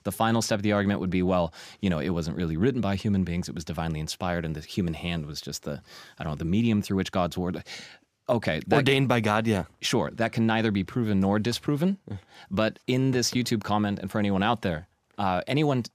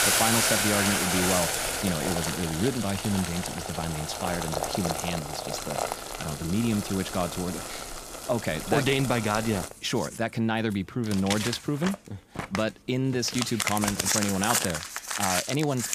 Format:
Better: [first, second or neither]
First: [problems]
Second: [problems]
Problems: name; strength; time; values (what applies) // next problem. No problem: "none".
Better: first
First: none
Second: household noises; loud; throughout; as loud as the speech